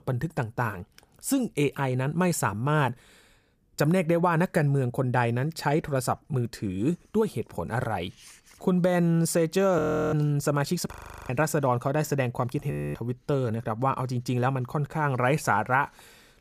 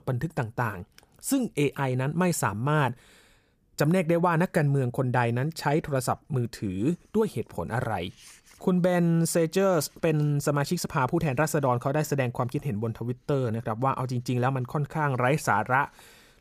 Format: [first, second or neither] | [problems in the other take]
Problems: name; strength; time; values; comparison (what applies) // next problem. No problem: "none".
second | audio freezing; at 10 s, at 11 s and at 13 s